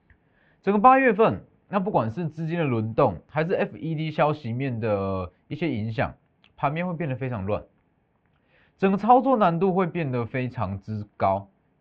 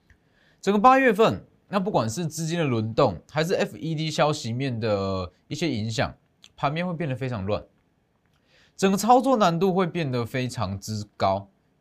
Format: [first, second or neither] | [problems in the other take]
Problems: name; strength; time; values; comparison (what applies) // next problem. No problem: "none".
second | muffled; very; fading above 2.5 kHz